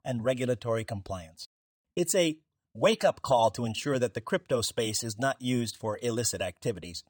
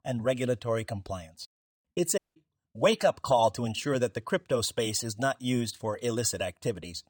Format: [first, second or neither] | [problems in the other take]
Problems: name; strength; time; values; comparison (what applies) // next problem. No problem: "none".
first | audio cutting out; at 2 s